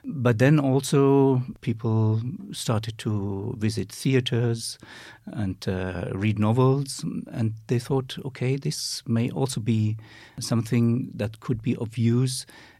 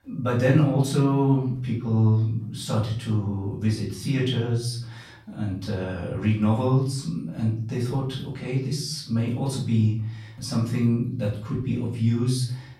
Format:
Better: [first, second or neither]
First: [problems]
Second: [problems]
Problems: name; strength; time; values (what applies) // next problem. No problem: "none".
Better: first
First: none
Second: off-mic speech; far // room echo; noticeable; dies away in 0.5 s